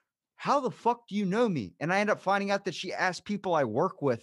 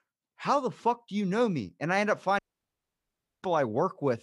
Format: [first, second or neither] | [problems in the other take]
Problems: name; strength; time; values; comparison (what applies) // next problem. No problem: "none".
first | audio cutting out; at 2.5 s for 1 s